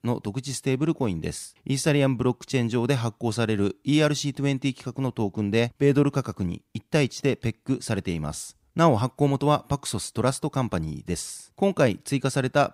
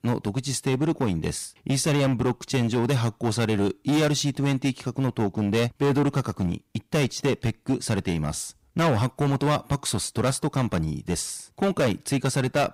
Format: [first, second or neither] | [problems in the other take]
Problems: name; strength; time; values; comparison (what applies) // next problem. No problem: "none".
first | distortion; heavy; 12% of the sound clipped